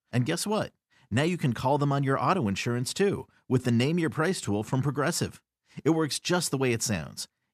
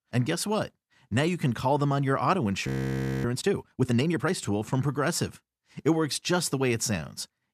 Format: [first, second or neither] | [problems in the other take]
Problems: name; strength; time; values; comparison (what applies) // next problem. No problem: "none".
first | audio freezing; at 2.5 s for 0.5 s